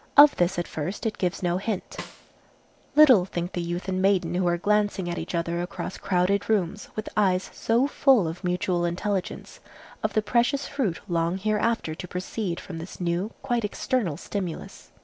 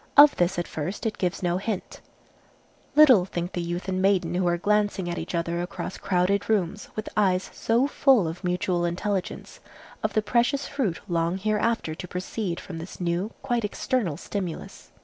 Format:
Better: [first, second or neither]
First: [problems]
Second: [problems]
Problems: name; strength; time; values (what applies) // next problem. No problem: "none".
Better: second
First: background sound (Snare drum); 19 dB below the speech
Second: none